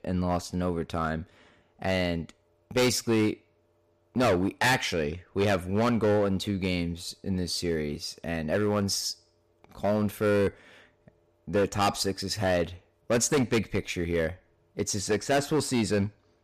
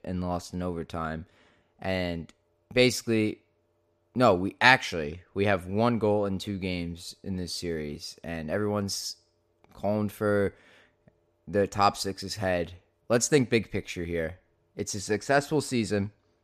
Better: second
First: distortion; heavy; 7% of the sound clipped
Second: none

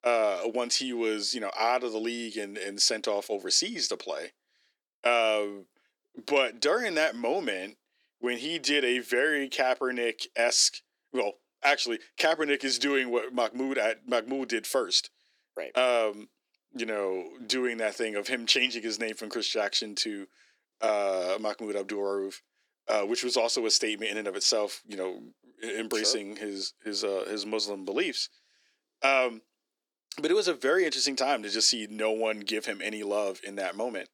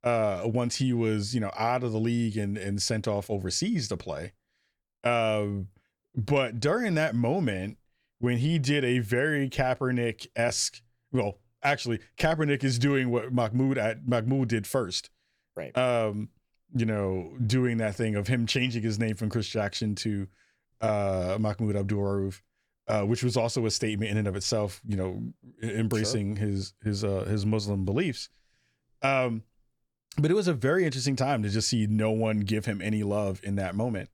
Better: second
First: thin; somewhat; fading below 300 Hz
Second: none

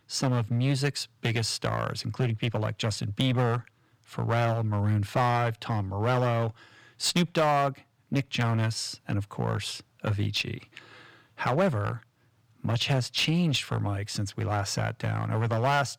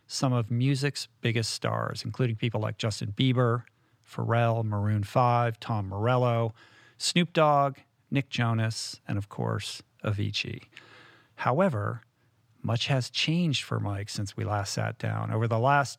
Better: second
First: distortion; slight; 6% of the sound clipped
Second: none

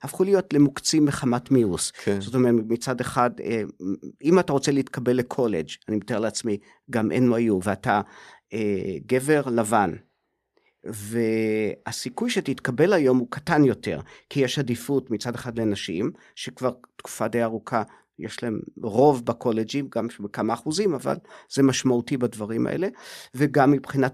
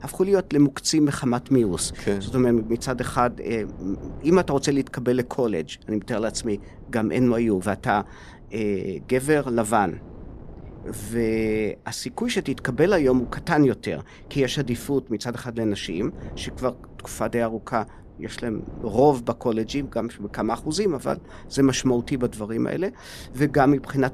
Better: first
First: none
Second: wind noise on the microphone; occasional gusts; 25 dB below the speech

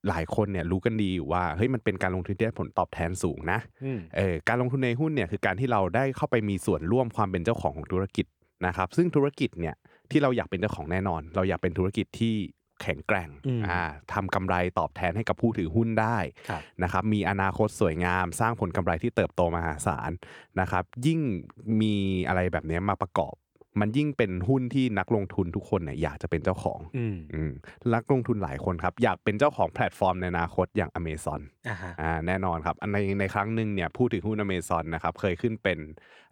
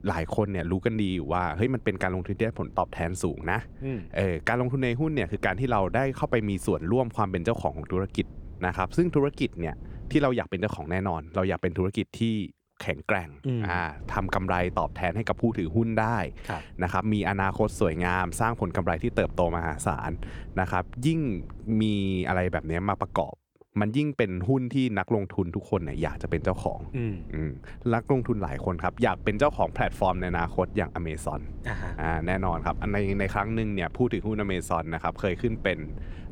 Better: first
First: none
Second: low rumble; faint; until 10 s, from 14 to 23 s and from 26 s on; 25 dB below the speech

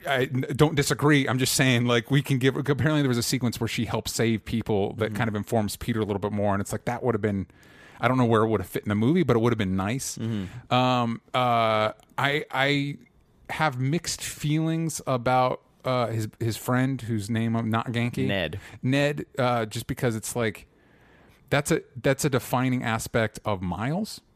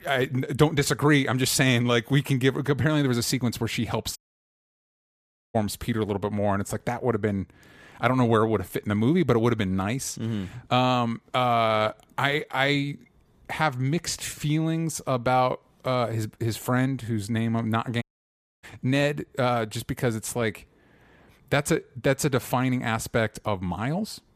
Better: first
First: none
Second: audio cutting out; at 4 s for 1.5 s and at 18 s for 0.5 s

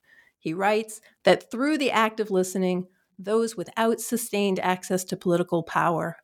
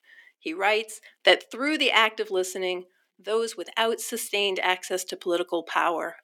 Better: first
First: none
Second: thin; somewhat; fading below 300 Hz

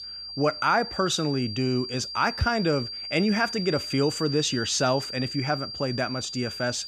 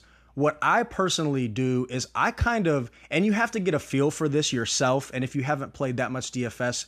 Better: second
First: high-pitched whine; loud; throughout; 4.5 kHz, 7 dB below the speech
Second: none

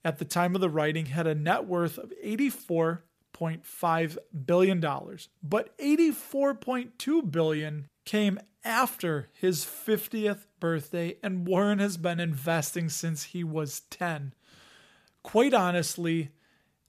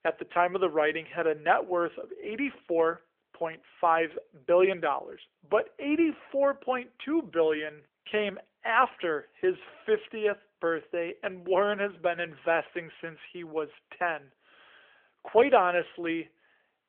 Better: first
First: none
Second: phone-call audio; nothing above 3.5 kHz

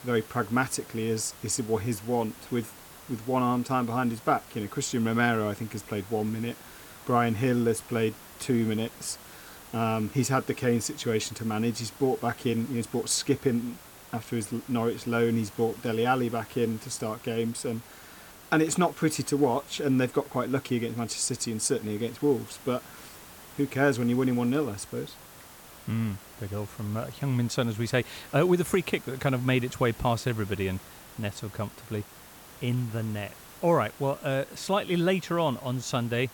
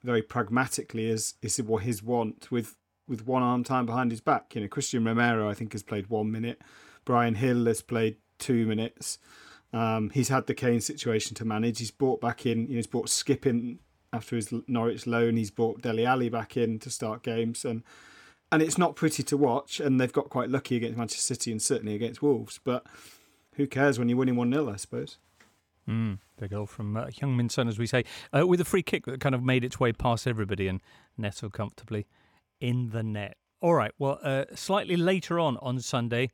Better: second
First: hiss; noticeable; throughout; 20 dB below the speech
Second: none

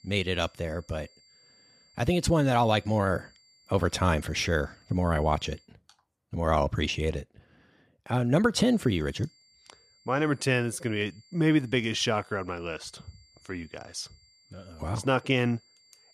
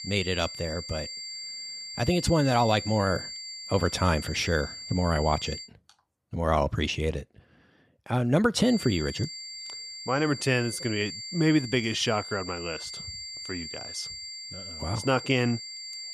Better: first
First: high-pitched whine; faint; until 5.5 s and from 8.5 s on; 4.5 kHz, 30 dB below the speech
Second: high-pitched whine; loud; until 5.5 s and from 8.5 s on; 4.5 kHz, 9 dB below the speech

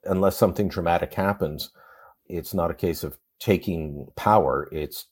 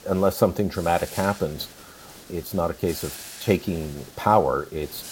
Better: first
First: none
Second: hiss; noticeable; throughout; 15 dB below the speech

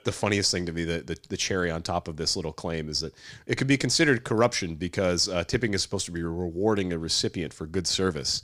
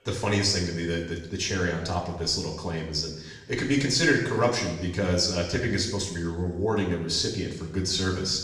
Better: first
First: none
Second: room echo; noticeable; dies away in 0.8 s // off-mic speech; far

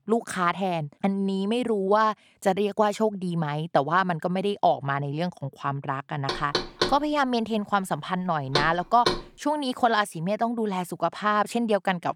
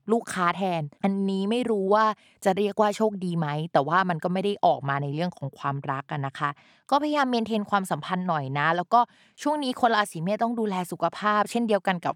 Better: second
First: door banging; noticeable; from 6.5 to 9 s; peak level with the speech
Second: none

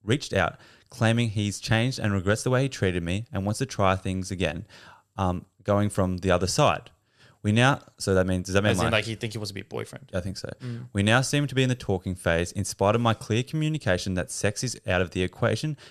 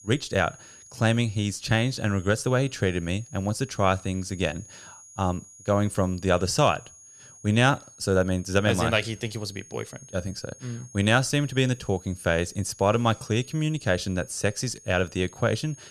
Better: first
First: none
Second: high-pitched whine; faint; throughout; 6.5 kHz, 20 dB below the speech

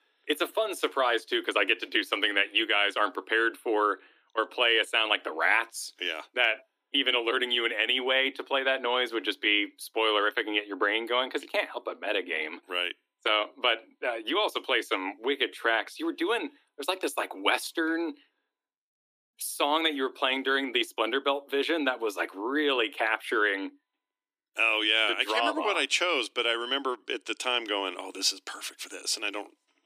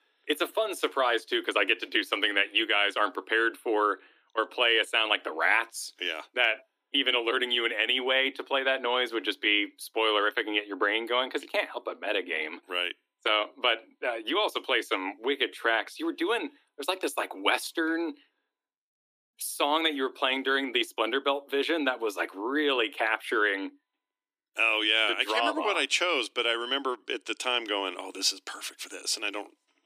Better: neither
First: thin; somewhat; fading below 300 Hz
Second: thin; somewhat; fading below 300 Hz

